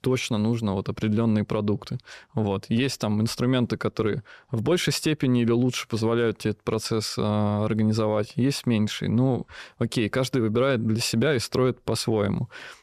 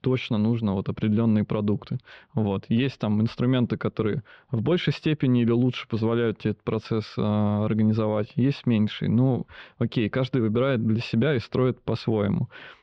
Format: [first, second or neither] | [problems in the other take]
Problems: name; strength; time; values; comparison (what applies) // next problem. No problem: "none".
first | muffled; slightly; fading above 3.5 kHz